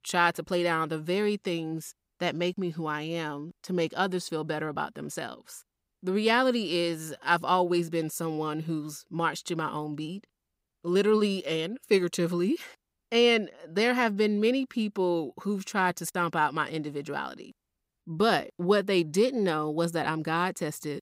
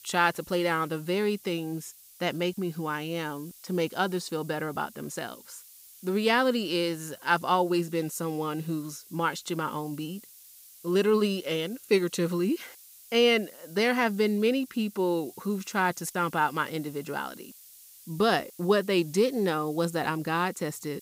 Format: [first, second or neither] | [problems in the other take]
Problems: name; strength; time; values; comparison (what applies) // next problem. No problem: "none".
first | hiss; faint; throughout; 20 dB below the speech